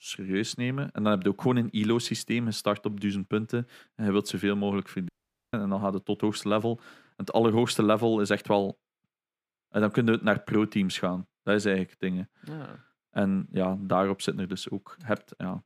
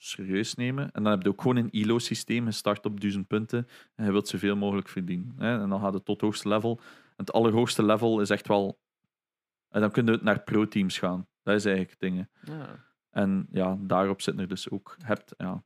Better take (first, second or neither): second